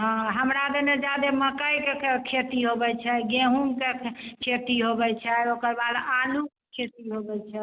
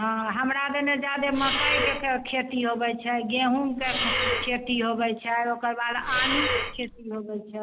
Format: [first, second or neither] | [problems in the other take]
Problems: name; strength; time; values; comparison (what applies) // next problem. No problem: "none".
first | background sound (Breathing); 2 dB below the speech